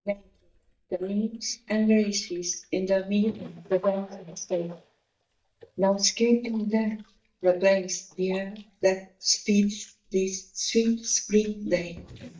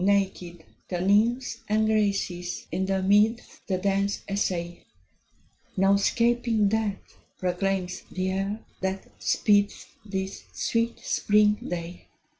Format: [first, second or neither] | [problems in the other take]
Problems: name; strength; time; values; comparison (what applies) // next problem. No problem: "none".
second | noise reduction (neural mask model DeepFilterNet 3)